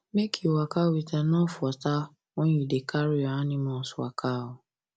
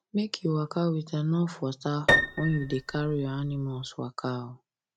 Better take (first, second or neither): first